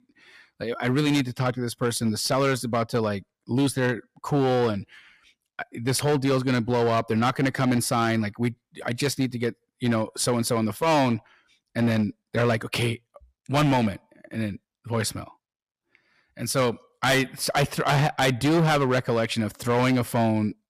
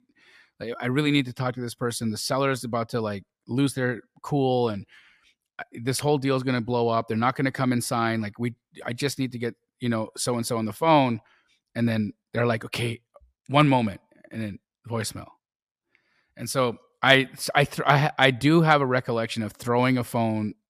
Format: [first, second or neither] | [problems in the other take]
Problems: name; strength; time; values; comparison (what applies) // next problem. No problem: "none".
second | distortion; heavy; 10% of the sound clipped